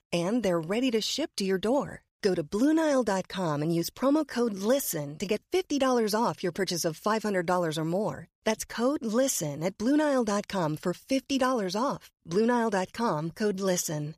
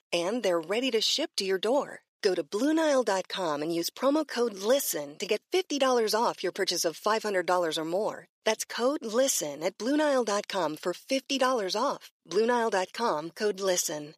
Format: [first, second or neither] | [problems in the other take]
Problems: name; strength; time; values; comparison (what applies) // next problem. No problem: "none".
first | thin; very slightly; fading below 400 Hz